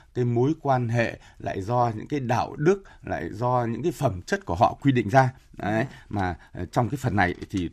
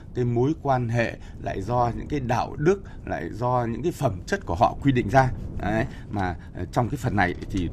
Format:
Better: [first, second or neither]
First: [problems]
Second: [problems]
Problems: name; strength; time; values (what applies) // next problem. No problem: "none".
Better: first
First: none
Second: wind noise on the microphone; occasional gusts; 25 dB below the speech